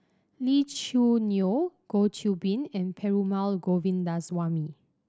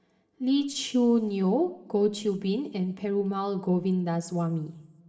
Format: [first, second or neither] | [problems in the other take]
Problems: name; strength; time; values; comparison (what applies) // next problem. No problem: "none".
first | room echo; dies away in 0.8 s